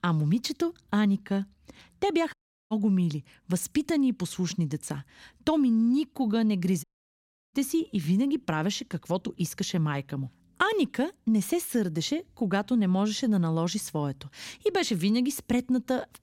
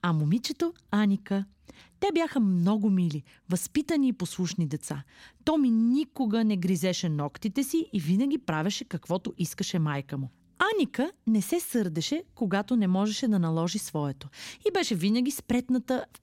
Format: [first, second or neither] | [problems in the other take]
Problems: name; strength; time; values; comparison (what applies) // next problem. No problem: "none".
second | audio cutting out; at 2.5 s and at 7 s for 0.5 s